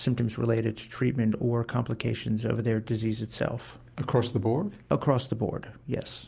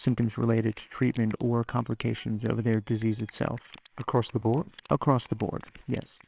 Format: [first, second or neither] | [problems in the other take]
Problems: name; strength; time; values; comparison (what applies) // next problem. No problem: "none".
first | noise reduction (neural separator model SepFormer WHAMR!)